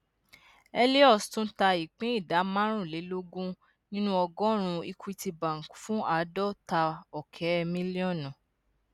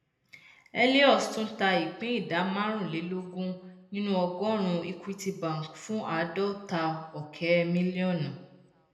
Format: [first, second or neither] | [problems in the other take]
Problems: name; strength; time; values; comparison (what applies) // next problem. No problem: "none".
first | room echo; dies away in 0.8 s